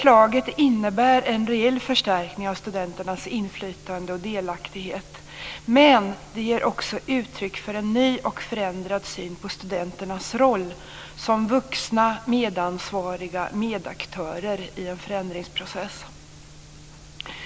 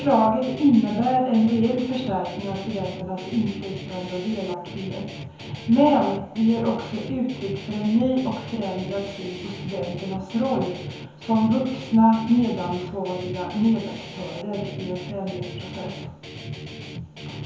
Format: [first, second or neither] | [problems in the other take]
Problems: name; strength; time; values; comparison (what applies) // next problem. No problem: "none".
first | background sound (Guitar); 12 dB below the speech // room echo; dies away in 0.9 s